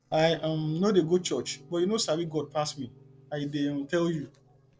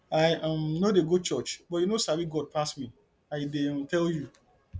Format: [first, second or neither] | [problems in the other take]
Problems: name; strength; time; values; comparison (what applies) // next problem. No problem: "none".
second | noise reduction (neural separator model SepFormer DNS4)